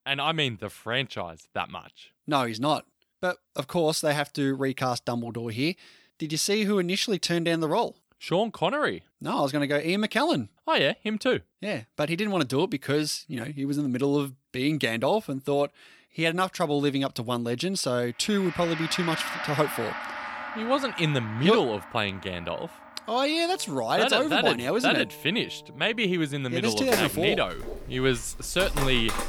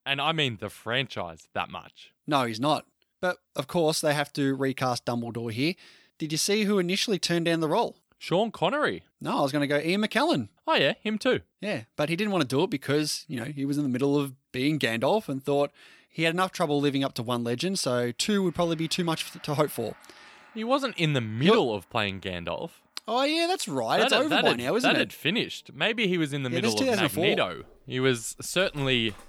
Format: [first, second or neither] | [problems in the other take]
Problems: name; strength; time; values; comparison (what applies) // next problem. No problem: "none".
second | background music; loud; from 19 s on; 8 dB below the speech; faint in the second